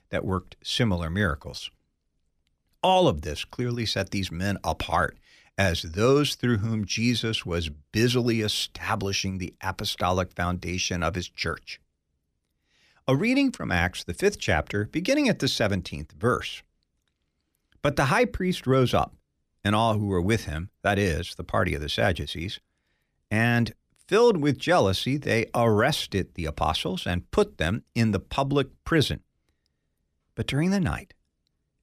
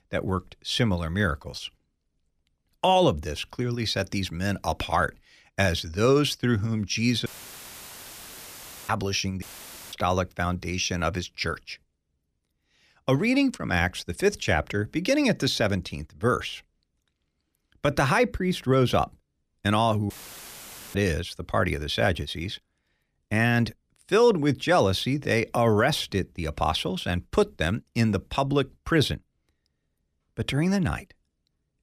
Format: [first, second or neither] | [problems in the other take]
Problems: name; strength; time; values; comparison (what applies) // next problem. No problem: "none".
first | audio cutting out; filled with static; at 7.5 s for 1.5 s, at 9.5 s for 0.5 s and at 20 s for 1 s